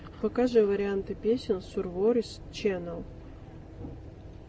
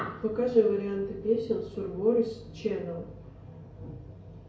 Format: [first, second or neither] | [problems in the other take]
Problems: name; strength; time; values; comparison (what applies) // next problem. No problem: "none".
first | room echo; dies away in 0.6 s